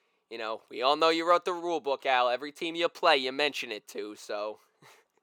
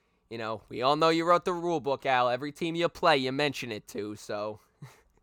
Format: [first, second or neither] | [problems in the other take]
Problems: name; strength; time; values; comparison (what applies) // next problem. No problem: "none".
second | thin; somewhat; fading below 400 Hz